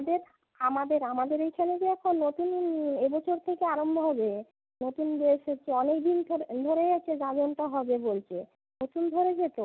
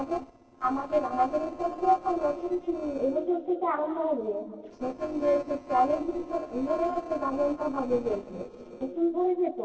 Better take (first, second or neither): first